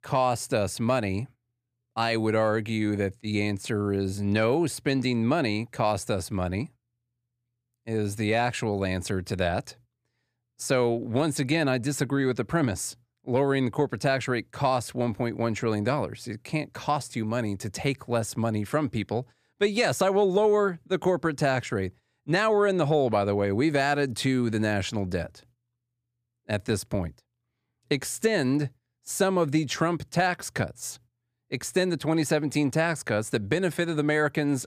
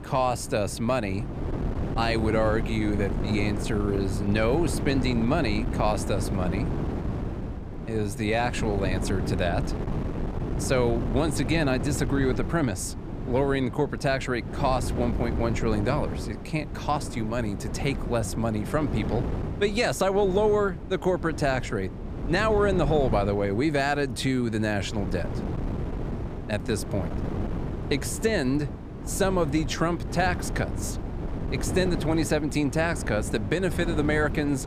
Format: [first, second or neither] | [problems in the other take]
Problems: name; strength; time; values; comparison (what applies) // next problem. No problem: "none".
first | wind noise on the microphone; occasional gusts; 10 dB below the speech